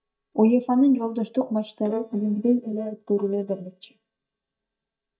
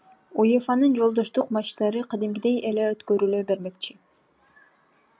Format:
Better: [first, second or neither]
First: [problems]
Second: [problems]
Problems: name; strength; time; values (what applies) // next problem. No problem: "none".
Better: second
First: noise reduction (neural mask model DeepFilterNet 3)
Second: none